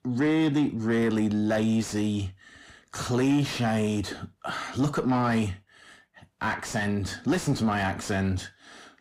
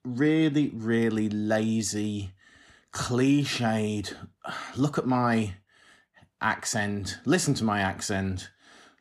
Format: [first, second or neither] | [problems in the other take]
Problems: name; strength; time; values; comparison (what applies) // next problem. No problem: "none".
second | distortion; slight; 10 dB below the speech